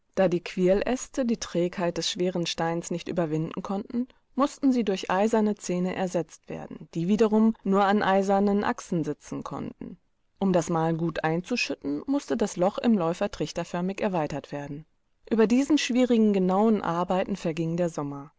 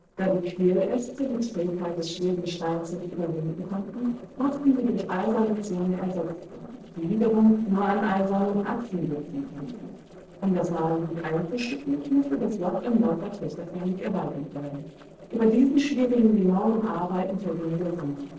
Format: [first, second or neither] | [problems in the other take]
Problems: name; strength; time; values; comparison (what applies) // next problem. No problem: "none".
first | noise reduction (neural separator model SepFormer DNS4)